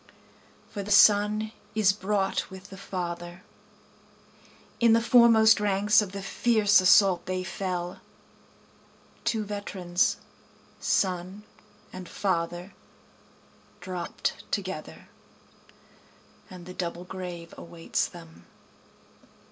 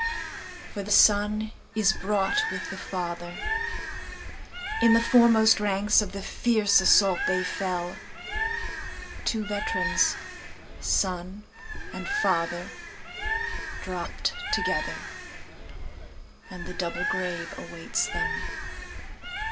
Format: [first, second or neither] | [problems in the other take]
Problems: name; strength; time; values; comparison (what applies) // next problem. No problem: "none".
first | background sound (Bird); 4 dB below the speech